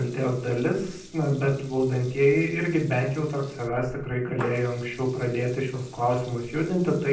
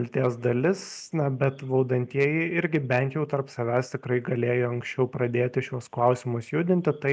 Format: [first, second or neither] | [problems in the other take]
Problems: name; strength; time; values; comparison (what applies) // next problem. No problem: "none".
second | background sound (Water tap, faucet / Liquid); 19 dB below the speech // room echo; dies away in 0.6 s